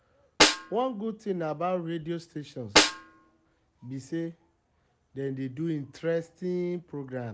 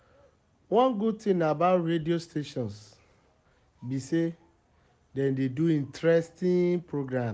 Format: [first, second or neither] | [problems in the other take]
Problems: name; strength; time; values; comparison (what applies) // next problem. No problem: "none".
second | background sound (Snare drum); 5 dB above the speech